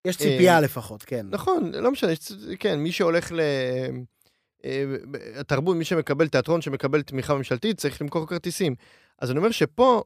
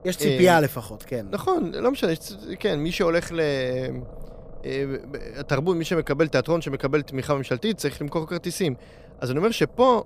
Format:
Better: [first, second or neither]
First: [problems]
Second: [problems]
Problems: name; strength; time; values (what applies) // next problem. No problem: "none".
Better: first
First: none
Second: low rumble; faint; throughout; 25 dB below the speech